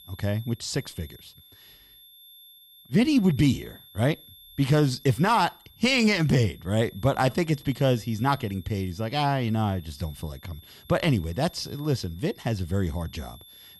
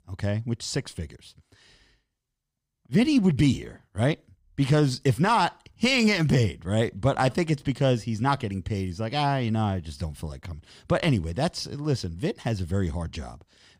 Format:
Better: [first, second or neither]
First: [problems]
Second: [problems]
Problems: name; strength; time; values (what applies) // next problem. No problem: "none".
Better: second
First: high-pitched whine; faint; throughout; 3.5 kHz, 25 dB below the speech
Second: none